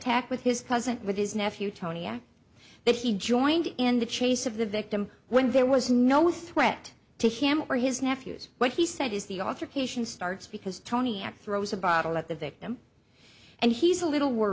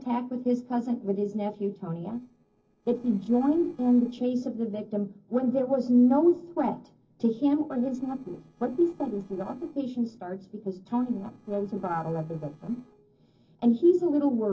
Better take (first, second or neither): first